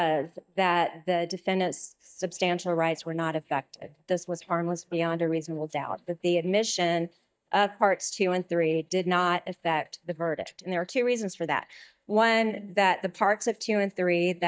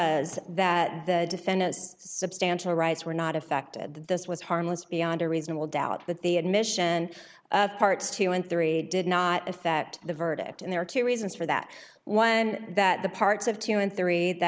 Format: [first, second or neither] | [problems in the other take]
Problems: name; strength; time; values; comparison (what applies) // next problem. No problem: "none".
second | noise reduction (neural mask model DeepFilterNet 3)